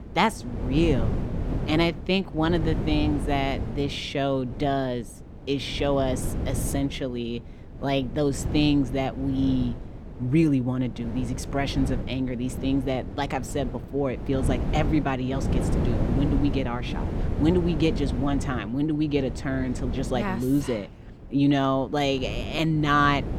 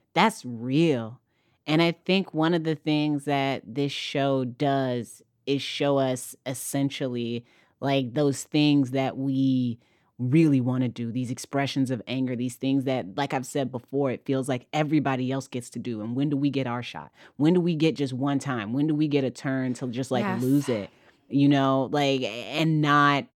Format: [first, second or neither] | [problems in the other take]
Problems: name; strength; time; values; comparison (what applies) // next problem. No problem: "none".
second | wind noise on the microphone; occasional gusts; 10 dB below the speech